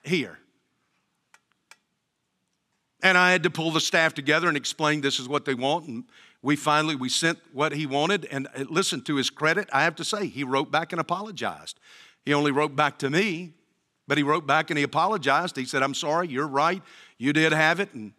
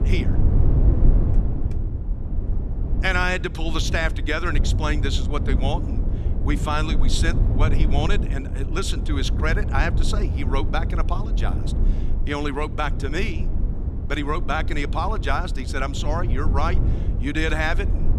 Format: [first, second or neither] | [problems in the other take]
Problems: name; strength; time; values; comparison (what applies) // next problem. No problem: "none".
first | low rumble; noticeable; throughout; 10 dB below the speech